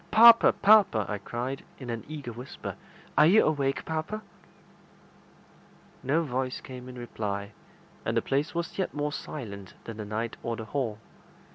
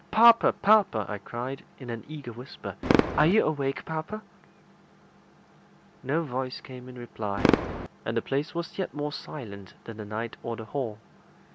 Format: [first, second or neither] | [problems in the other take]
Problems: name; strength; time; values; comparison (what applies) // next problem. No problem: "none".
first | background sound (Fireworks); 6 dB below the speech